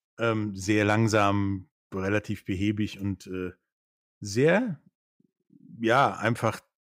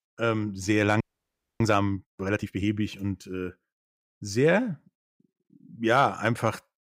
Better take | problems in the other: first | audio freezing; at 1 s for 0.5 s

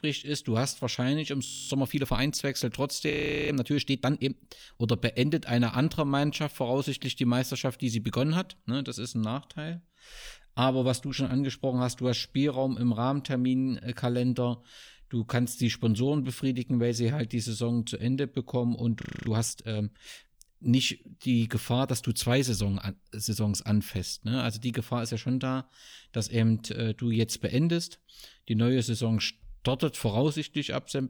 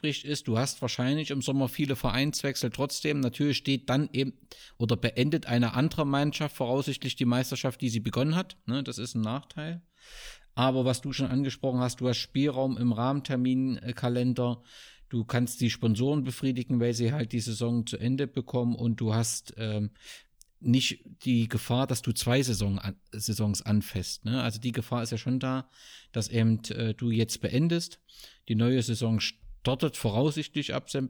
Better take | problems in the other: second | audio freezing; at 1.5 s, at 3 s and at 19 s

